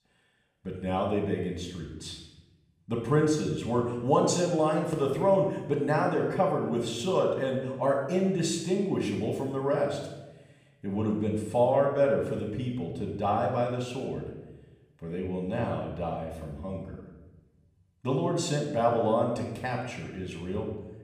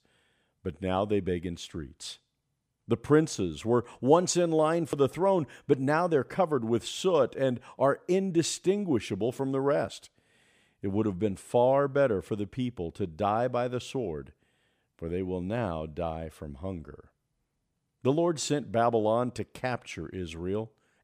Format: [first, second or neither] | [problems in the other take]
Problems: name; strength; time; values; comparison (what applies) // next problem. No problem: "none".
second | room echo; noticeable; dies away in 0.9 s // off-mic speech; far